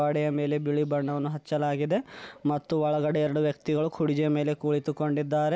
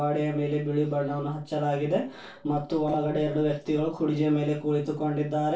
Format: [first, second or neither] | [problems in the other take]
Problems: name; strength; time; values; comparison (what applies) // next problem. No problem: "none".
first | noise reduction (neural separator model SepFormer DNS4)